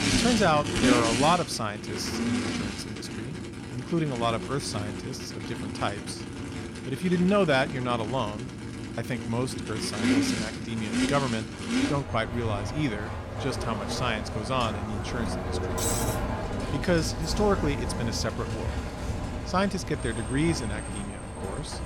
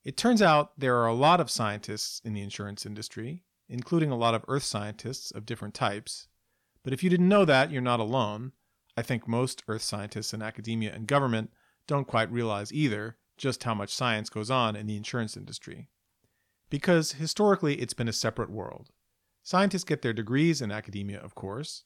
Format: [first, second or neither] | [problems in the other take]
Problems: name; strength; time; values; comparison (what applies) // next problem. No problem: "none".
second | traffic noise; loud; throughout; 2 dB below the speech